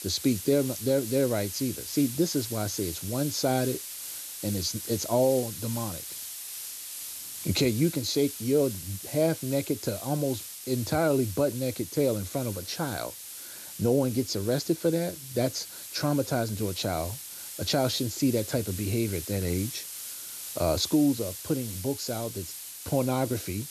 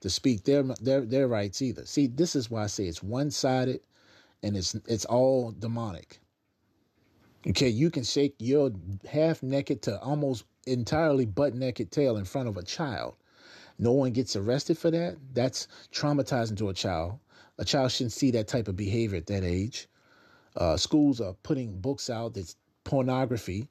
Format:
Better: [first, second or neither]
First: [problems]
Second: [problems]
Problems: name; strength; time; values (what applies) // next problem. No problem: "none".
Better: second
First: hiss; loud; throughout; 8 dB below the speech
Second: none